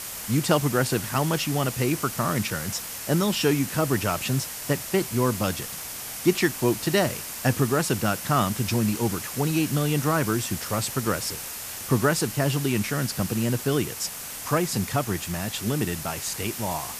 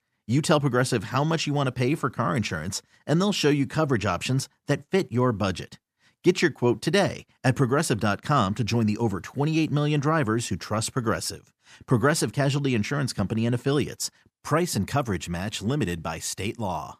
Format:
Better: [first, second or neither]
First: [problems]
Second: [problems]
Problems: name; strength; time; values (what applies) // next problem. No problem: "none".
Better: second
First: hiss; loud; throughout; 7 dB below the speech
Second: none